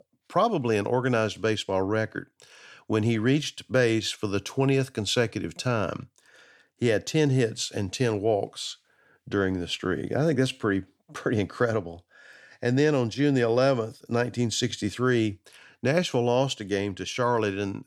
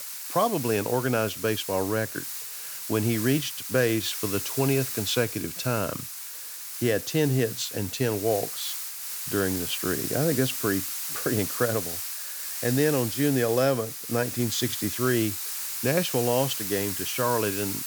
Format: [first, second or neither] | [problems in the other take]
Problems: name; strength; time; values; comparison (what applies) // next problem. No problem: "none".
first | hiss; loud; throughout; 4 dB below the speech